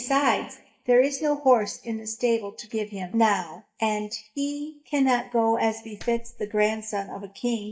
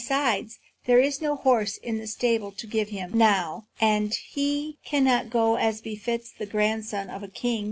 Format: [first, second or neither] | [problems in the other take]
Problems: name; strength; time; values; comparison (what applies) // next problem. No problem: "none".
second | noise reduction (neural mask model DeepFilterNet 3)